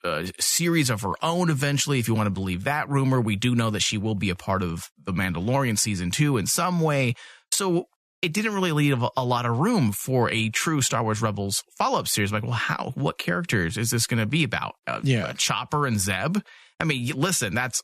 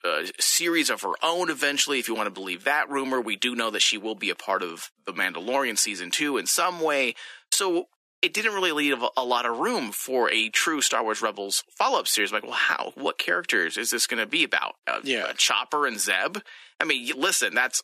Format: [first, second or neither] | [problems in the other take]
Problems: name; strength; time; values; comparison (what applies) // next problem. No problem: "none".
first | thin; somewhat; fading below 300 Hz